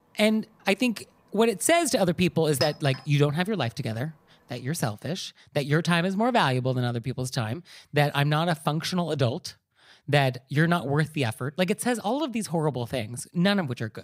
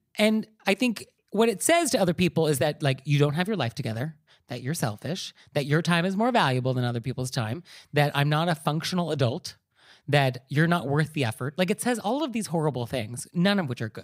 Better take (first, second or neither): second